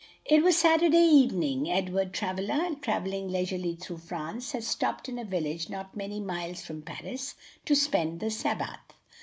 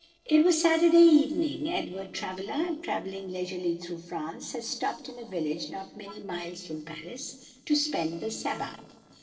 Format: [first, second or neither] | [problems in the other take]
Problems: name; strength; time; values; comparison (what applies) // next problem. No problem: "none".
first | noise reduction (neural separator model SepFormer DNS4)